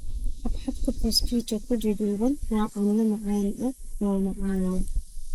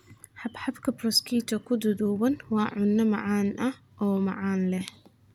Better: second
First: noise reduction (neural mask model Resemble Enhance denoiser)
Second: none

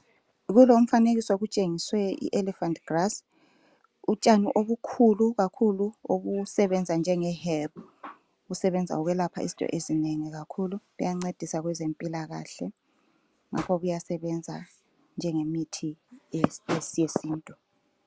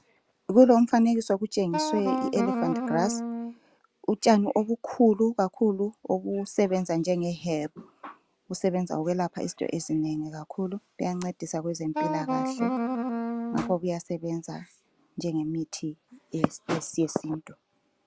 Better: first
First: none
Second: background sound (Wind instrument, woodwind instrument); 2 dB below the speech

